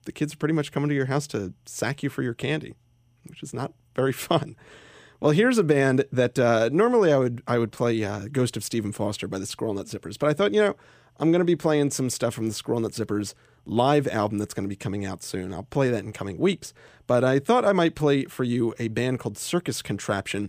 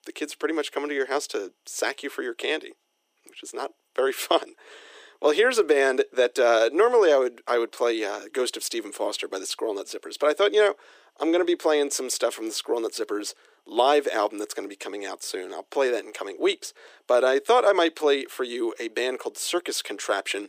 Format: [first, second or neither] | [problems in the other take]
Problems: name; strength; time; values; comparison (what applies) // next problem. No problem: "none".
first | thin; very; fading below 350 Hz